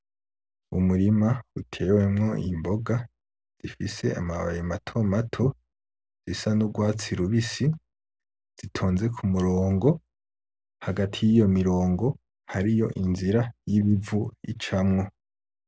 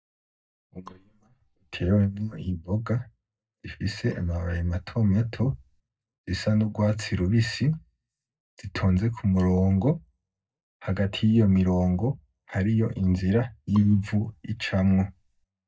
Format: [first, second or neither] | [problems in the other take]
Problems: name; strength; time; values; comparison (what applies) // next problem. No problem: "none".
first | noise reduction (neural mask model DeepFilterNet 3)